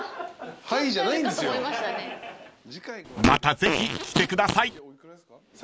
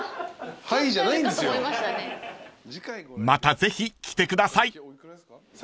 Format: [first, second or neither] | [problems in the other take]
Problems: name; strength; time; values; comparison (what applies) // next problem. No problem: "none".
second | background sound (Fart); as loud as the speech